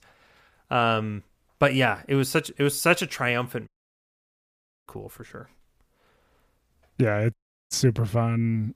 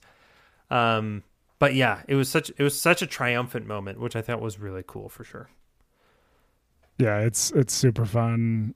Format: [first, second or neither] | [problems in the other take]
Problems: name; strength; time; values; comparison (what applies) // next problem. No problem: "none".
second | audio cutting out; at 3.5 s for 1 s and at 7.5 s